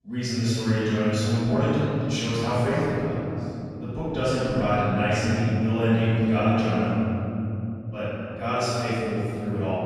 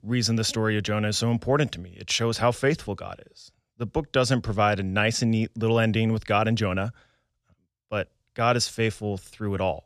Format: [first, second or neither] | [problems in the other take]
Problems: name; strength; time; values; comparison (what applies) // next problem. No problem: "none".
second | off-mic speech; far // room echo; strong; dies away in 3 s